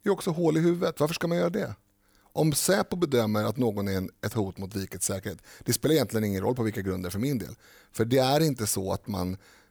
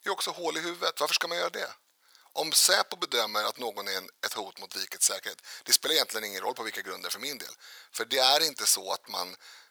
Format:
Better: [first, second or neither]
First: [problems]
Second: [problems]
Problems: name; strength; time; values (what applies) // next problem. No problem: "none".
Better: first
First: none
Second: thin; very; fading below 900 Hz